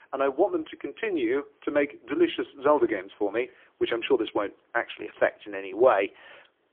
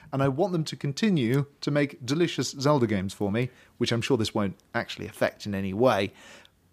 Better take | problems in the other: second | phone-call audio; poor line; nothing above 3.5 kHz

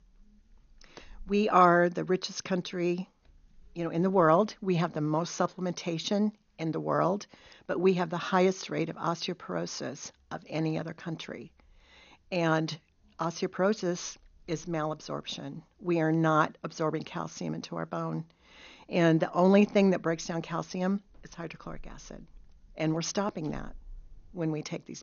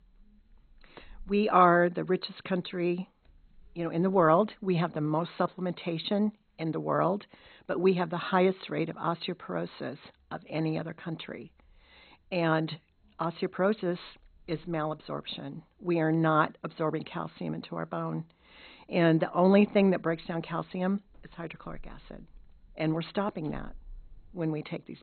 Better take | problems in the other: first | garbled, watery; badly; nothing above 4 kHz; slightly in the first

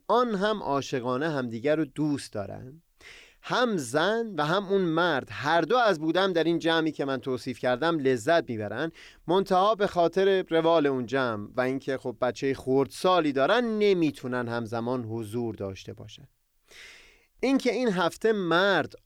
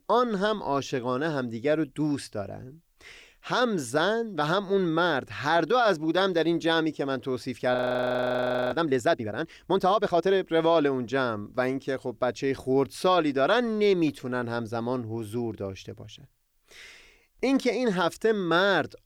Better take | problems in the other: first | audio freezing; at 8 s for 1 s

